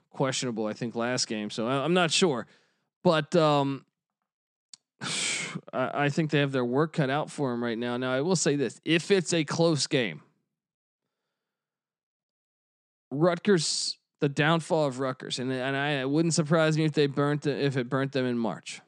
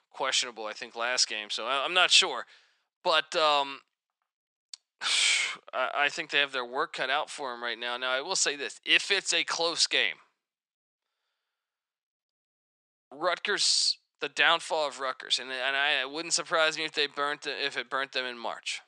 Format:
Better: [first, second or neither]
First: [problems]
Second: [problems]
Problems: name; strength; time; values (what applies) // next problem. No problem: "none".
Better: first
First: none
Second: thin; very; fading below 800 Hz